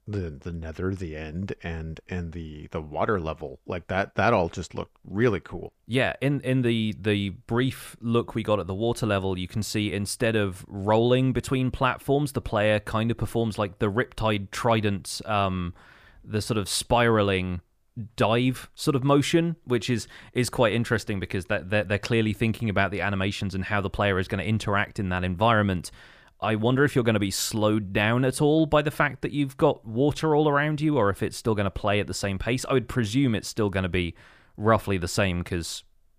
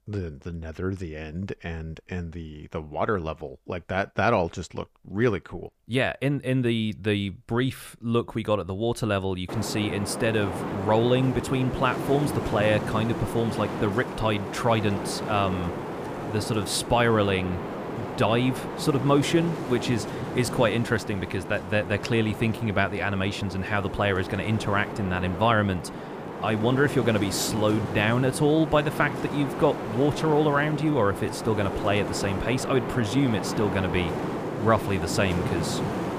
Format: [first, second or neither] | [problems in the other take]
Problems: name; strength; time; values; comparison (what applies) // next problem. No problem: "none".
first | wind noise on the microphone; heavy; from 9.5 s on; 7 dB below the speech